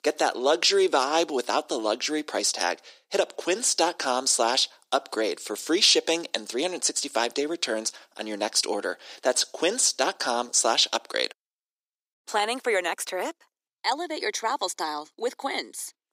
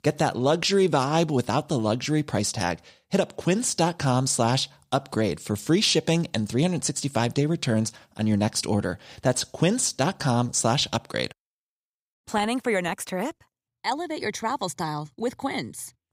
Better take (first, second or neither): second